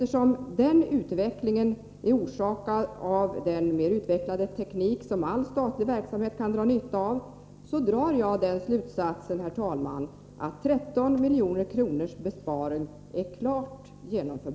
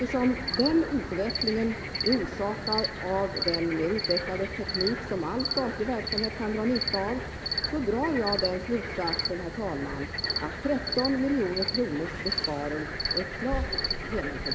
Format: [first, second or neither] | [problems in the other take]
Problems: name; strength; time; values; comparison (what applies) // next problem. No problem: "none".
first | background sound (Cricket); 3 dB below the speech